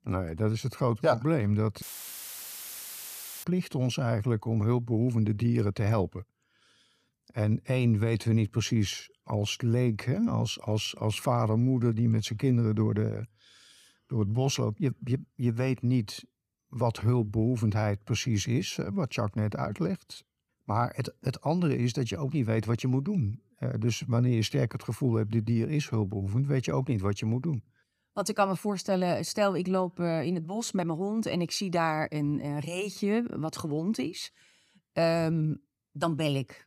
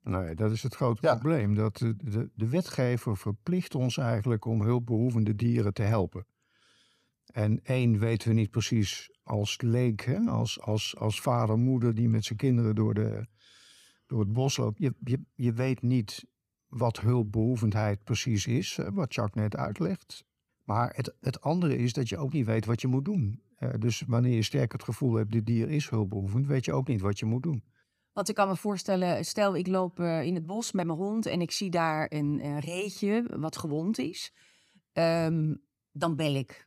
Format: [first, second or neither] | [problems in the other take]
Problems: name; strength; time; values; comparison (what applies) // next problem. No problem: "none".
second | audio cutting out; filled with static; at 2 s for 1.5 s